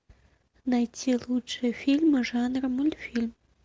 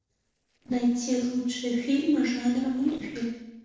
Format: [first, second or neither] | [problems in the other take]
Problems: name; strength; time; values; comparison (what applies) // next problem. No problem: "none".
first | noise reduction (neural separator model SepFormer DNS4)